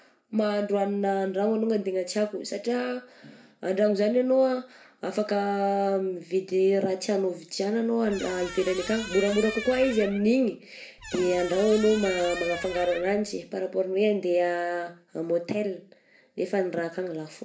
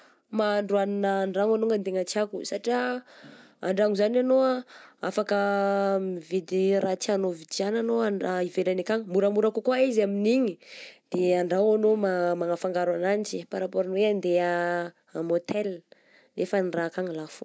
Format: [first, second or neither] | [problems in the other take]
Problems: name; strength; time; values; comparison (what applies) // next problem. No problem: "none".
second | background sound (Squeak); 12 dB below the speech // room echo; dies away in 0.4 s